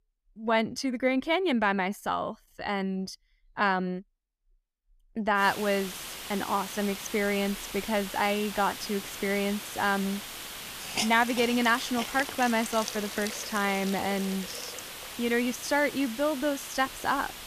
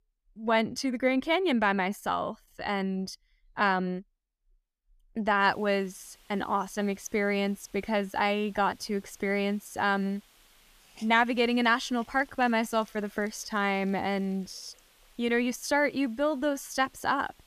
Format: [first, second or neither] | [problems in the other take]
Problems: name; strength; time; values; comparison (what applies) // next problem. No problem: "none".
second | hiss; loud; from 5.5 s on; 8 dB below the speech; faint in the second